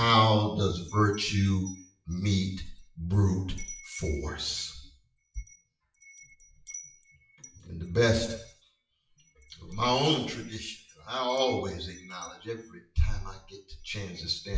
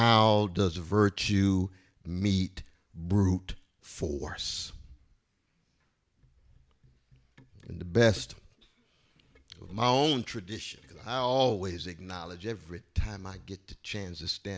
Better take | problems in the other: second | noise reduction (classical method WPE with log-MMSE)

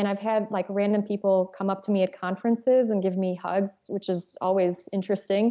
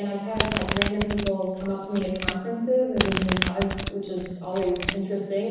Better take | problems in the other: first | background sound (Domestic sounds, home sounds); 4 dB below the speech // room echo; dies away in 1.1 s

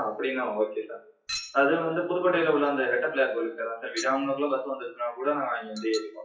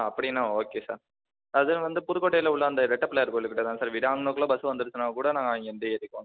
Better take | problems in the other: second | noise reduction (classical method WPE with log-MMSE)

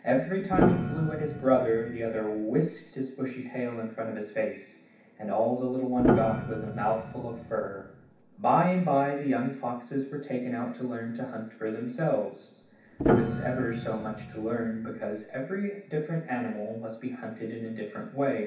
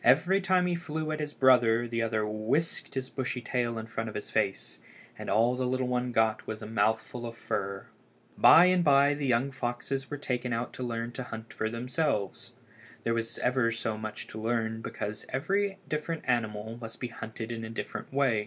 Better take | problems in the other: second | background sound (Piano); 2 dB below the speech // room echo; dies away in 0.7 s

